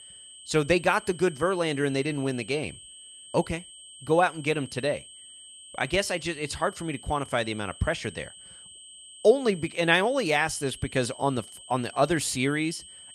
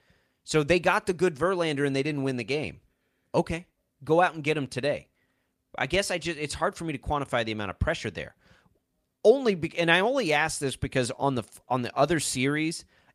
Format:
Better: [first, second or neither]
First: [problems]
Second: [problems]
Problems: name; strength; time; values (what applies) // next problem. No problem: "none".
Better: second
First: high-pitched whine; noticeable; throughout; 8 kHz, 20 dB below the speech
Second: none